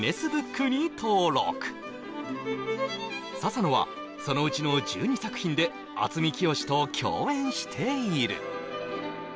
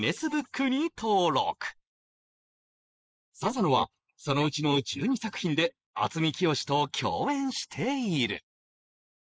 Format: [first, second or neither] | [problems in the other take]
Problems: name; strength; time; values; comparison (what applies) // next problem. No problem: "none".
first | noise reduction (neural mask model Resemble Enhance denoiser)